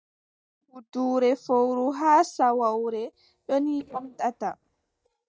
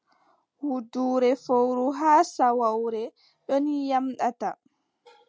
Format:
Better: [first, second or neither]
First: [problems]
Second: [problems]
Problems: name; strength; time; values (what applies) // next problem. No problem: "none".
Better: second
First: noise reduction (neural mask model DeepFilterNet 3)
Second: none